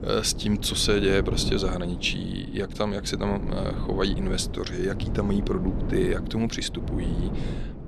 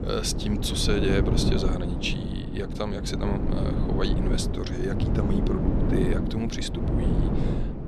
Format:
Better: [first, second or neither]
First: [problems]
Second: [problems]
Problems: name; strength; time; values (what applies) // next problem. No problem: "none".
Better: first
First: wind noise on the microphone; occasional gusts; 10 dB below the speech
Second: wind noise on the microphone; heavy; 3 dB below the speech